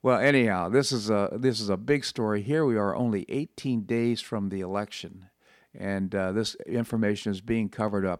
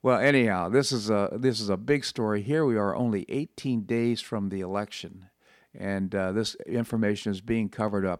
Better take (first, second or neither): neither